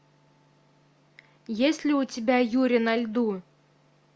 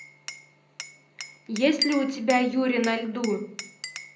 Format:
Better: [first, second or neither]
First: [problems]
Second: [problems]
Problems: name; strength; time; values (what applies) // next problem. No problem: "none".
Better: first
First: none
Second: background sound (Glass); 11 dB below the speech // room echo; dies away in 0.5 s